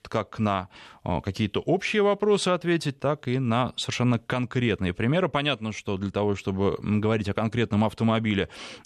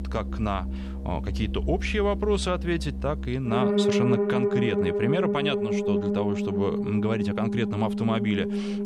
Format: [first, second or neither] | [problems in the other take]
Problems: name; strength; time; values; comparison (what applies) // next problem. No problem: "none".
first | background music; very loud; throughout; 1 dB above the speech